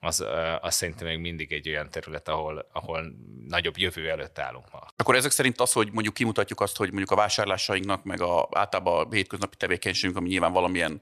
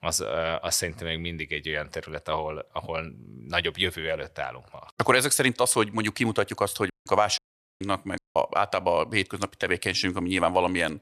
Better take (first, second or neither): first